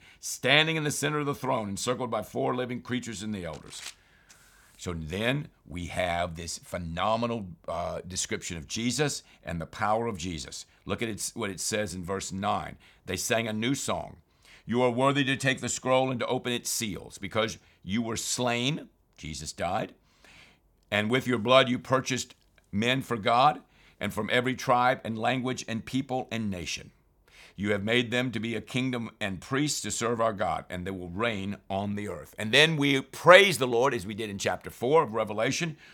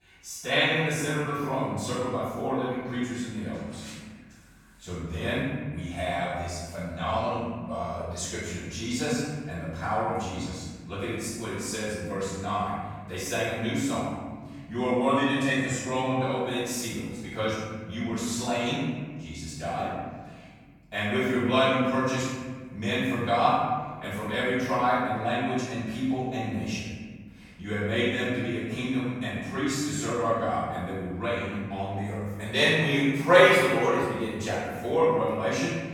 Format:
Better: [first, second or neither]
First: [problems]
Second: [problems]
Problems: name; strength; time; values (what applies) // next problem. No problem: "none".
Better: first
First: none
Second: room echo; strong; dies away in 1.5 s // off-mic speech; far